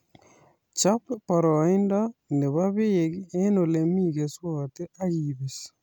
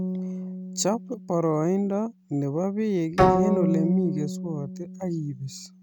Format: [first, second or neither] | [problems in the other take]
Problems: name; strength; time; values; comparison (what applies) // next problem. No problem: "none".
first | background sound (Bowed string instrument); 1 dB below the speech